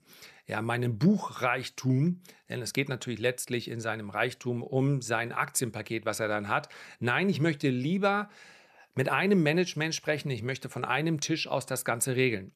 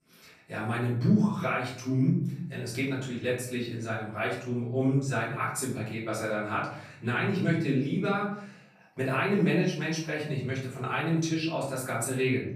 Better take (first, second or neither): first